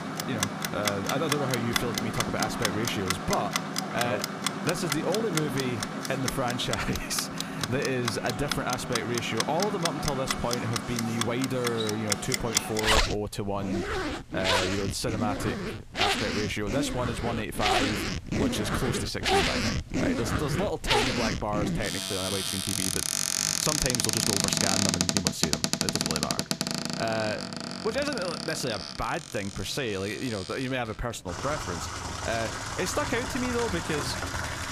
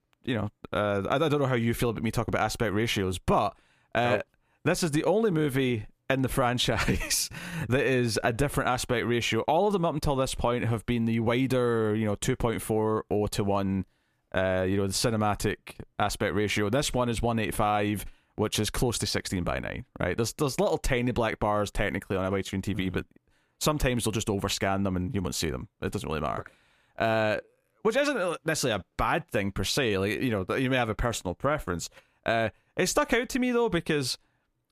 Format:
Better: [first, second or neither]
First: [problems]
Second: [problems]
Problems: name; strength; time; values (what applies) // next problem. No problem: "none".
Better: second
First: household noises; very loud; throughout; 2 dB above the speech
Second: none